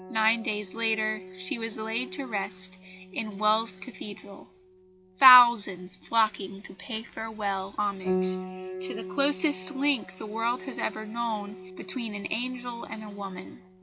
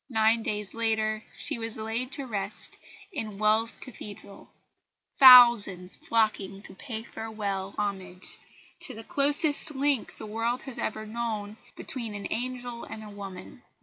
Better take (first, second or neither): second